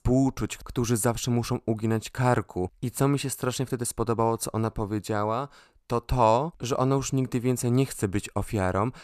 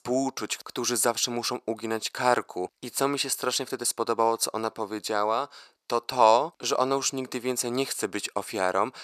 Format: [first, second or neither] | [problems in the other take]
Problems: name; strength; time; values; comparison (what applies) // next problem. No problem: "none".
first | thin; somewhat; fading below 450 Hz